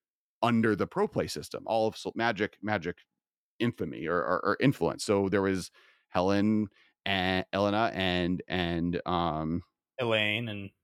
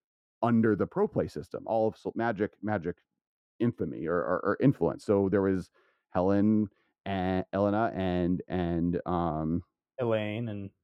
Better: first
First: none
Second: muffled; slightly; fading above 1 kHz

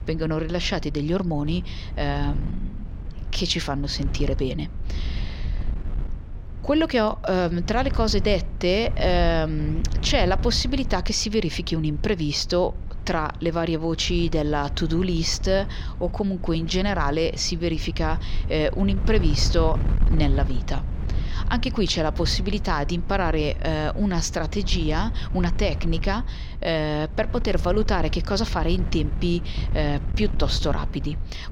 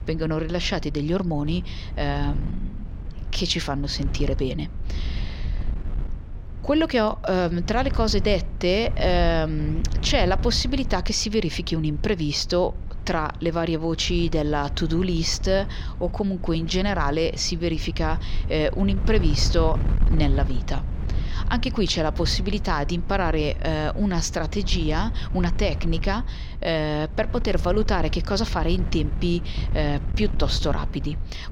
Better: neither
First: wind noise on the microphone; occasional gusts; 20 dB below the speech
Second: wind noise on the microphone; occasional gusts; 20 dB below the speech

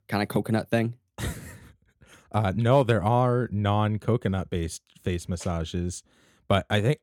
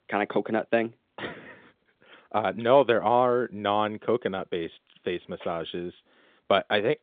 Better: first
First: none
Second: phone-call audio

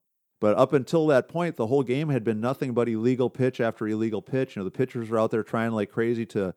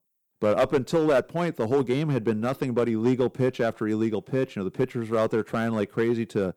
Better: first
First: none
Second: distortion; slight; 4% of the sound clipped

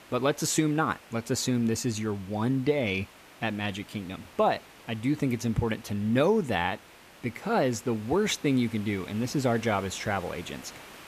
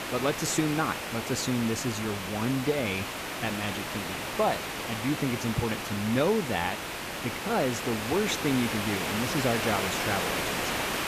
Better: first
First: hiss; faint; throughout; 20 dB below the speech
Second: hiss; loud; throughout; 2 dB below the speech

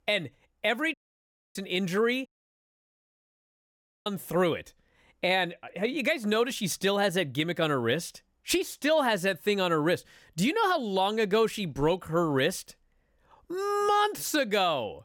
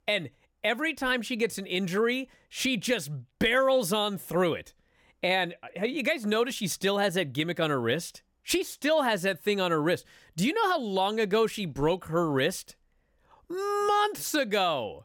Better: second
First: audio cutting out; at 1 s for 0.5 s and at 2.5 s for 2 s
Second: none

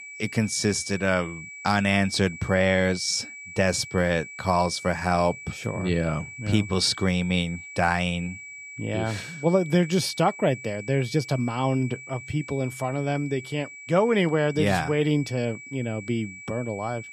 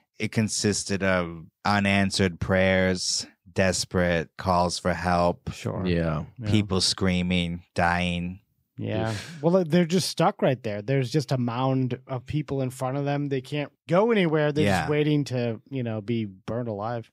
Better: second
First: high-pitched whine; noticeable; throughout; 2.5 kHz, 15 dB below the speech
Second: none

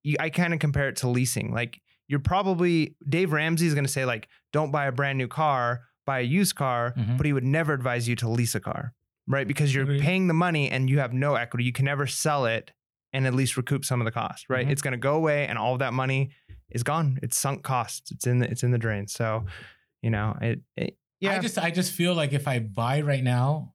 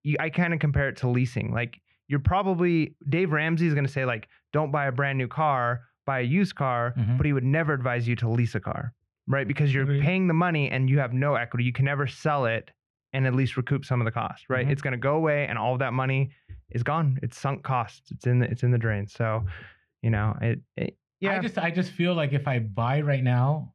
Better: first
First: none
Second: muffled; slightly; fading above 2.5 kHz

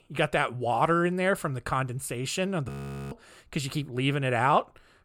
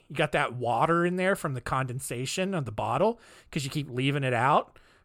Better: second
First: audio freezing; at 2.5 s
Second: none

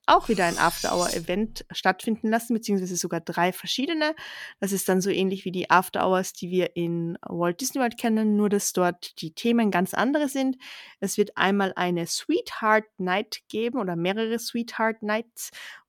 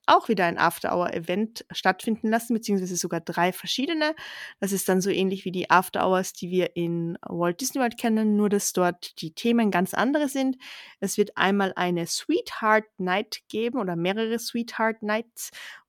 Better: second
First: clattering dishes; noticeable; until 1.5 s; peak 4 dB below the speech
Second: none

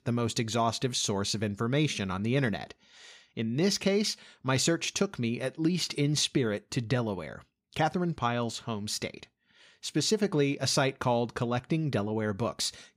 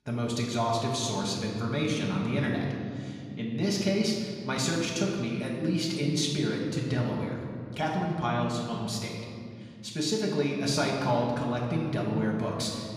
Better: first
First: none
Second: room echo; noticeable; dies away in 2.2 s // off-mic speech; far

